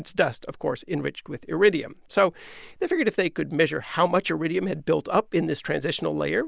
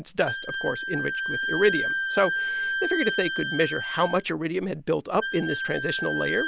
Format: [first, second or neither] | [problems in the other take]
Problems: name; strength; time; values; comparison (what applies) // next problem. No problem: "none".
first | background sound (Wind instrument, woodwind instrument); 3 dB below the speech